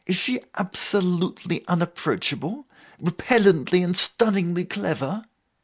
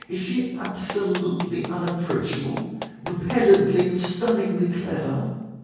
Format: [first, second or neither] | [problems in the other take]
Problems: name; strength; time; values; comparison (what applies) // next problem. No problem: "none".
first | background sound (Clapping); 16 dB below the speech // room echo; dies away in 1.3 s